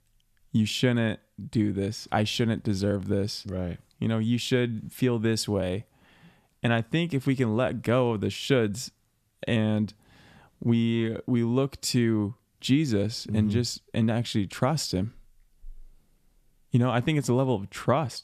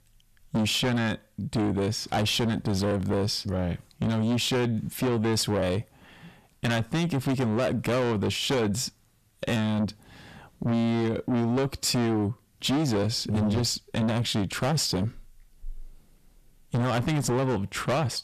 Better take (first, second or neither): first